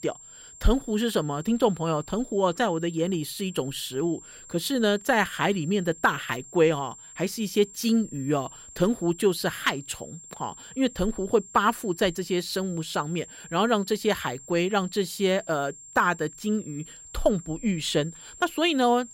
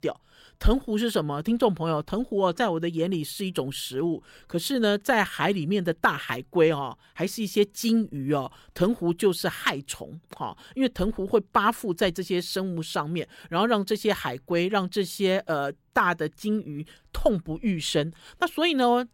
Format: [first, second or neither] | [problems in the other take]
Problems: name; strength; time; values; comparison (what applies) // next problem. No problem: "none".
second | high-pitched whine; noticeable; throughout; 7.5 kHz, 15 dB below the speech